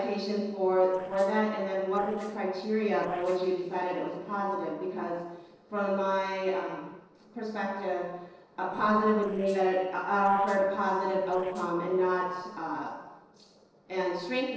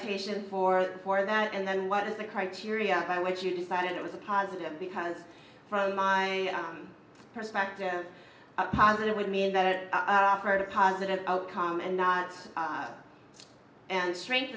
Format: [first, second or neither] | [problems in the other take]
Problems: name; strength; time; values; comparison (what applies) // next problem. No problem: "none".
second | noise reduction (neural separator model SepFormer DNS4)